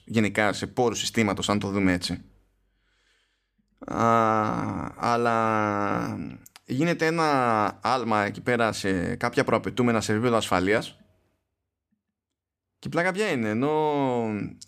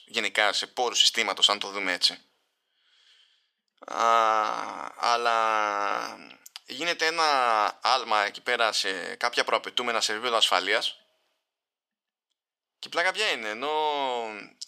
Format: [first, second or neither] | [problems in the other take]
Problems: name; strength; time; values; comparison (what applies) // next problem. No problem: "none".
first | thin; very; fading below 700 Hz